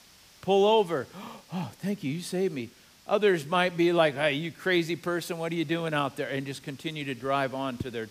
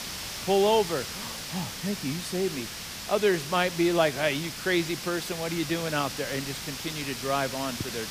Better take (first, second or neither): first